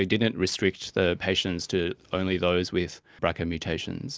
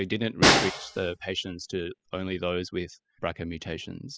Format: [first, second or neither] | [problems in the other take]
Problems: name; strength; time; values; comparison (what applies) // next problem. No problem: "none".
first | noise reduction (classical method spectral subtraction)